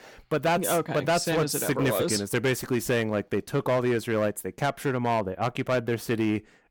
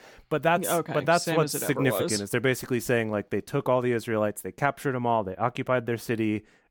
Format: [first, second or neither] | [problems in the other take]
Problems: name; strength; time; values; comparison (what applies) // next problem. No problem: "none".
second | distortion; slight; 8% of the sound clipped